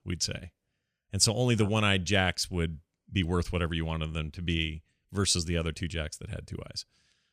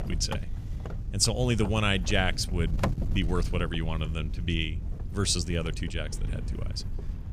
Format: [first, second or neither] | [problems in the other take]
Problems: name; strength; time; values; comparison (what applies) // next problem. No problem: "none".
first | wind noise on the microphone; occasional gusts; 15 dB below the speech